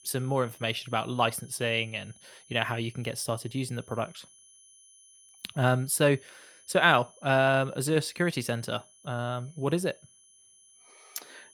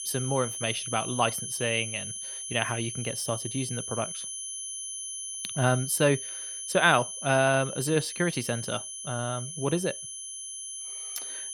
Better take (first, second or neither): first